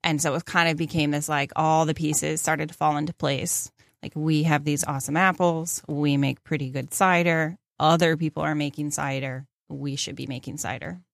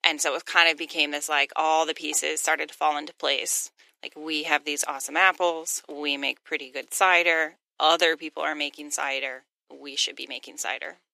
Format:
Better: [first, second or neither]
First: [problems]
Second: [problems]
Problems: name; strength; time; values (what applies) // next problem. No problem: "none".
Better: first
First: none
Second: thin; very; fading below 350 Hz